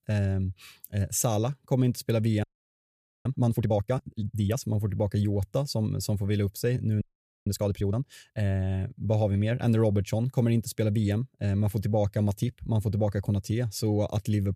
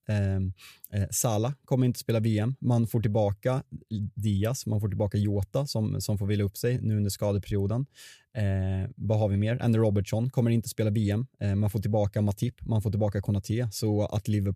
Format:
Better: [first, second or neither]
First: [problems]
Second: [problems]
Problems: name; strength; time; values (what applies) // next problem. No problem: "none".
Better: second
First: audio freezing; at 2.5 s for 1 s and at 7 s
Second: none